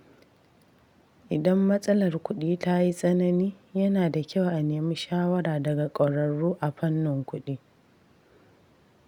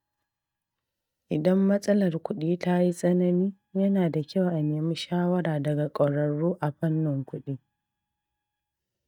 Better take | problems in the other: first | noise reduction (neural mask model DeepFilterNet 3)

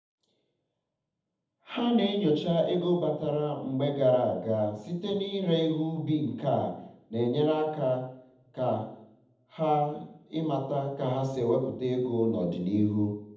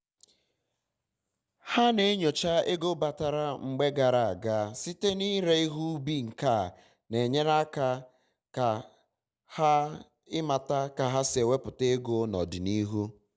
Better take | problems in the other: second | room echo; dies away in 0.8 s

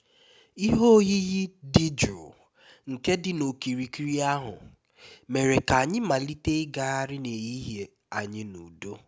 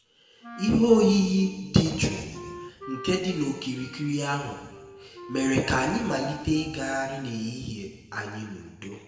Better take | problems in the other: first | background sound (Wind instrument, woodwind instrument); 17 dB below the speech // room echo; dies away in 1.3 s

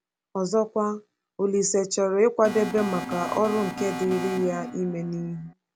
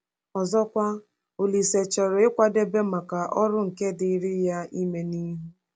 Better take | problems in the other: second | background sound (Alarm); 8 dB below the speech

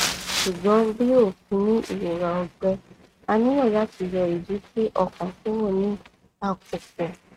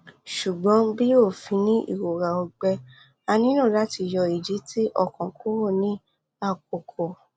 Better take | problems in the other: second | noise reduction (neural mask model RNNoise)

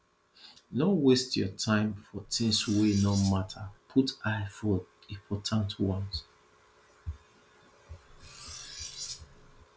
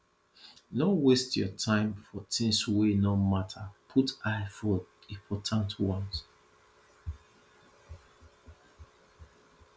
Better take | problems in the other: second | background sound (Cutlery, silverware); 14 dB below the speech

